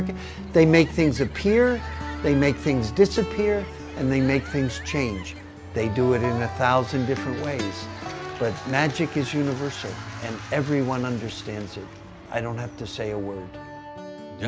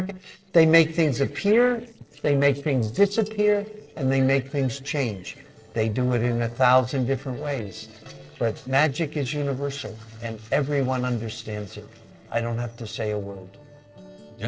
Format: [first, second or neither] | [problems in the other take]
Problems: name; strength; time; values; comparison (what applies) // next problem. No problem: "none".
first | noise reduction (neural separator model SepFormer DNS4)